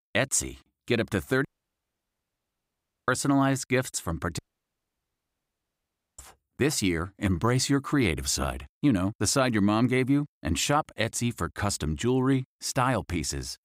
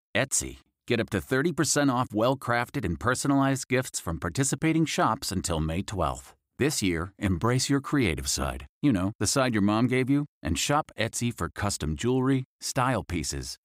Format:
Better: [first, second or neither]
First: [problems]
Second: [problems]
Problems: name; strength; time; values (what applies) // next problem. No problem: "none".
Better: second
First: audio cutting out; at 1.5 s for 1.5 s and at 4.5 s for 2 s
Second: none